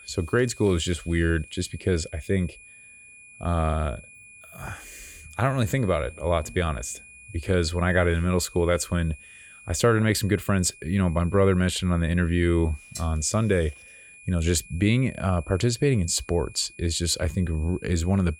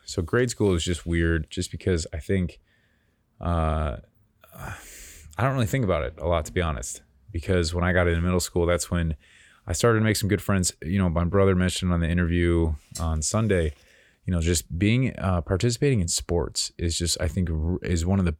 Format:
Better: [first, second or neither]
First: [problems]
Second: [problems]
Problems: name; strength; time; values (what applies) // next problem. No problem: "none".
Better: second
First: high-pitched whine; faint; throughout; 2.5 kHz, 20 dB below the speech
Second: none